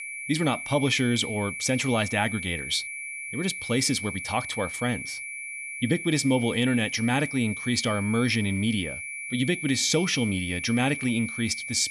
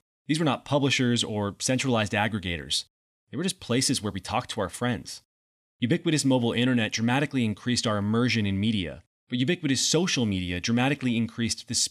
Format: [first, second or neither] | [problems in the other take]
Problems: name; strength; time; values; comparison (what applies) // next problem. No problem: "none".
second | high-pitched whine; loud; throughout; 2.5 kHz, 7 dB below the speech